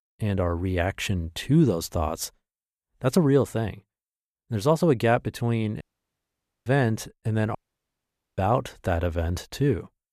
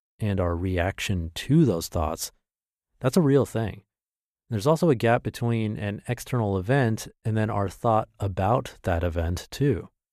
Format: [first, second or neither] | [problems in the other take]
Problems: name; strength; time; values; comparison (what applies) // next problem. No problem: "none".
second | audio cutting out; at 6 s for 1 s and at 7.5 s for 1 s